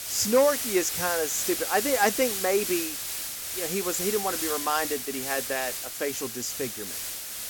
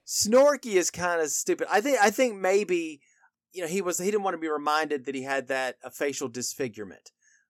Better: second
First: hiss; loud; throughout; 2 dB below the speech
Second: none

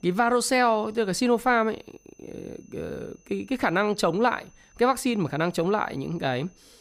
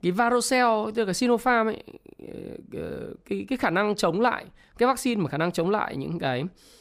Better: second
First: high-pitched whine; faint; throughout; 6 kHz, 35 dB below the speech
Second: none

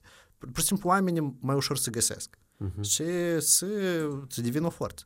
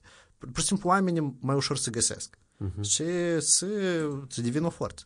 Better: first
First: none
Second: garbled, watery; slightly

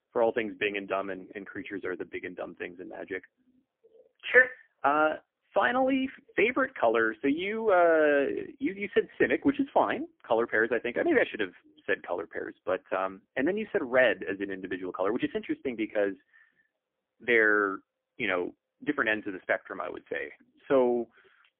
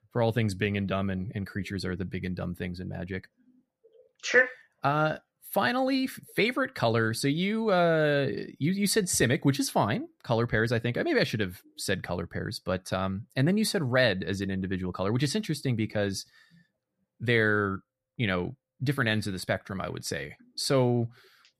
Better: second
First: phone-call audio; poor line; nothing above 3.5 kHz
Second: none

